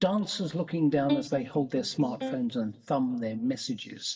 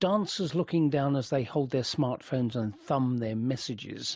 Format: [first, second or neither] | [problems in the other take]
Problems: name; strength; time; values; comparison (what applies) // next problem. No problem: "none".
second | noise reduction (neural mask model DeepFilterNet 3)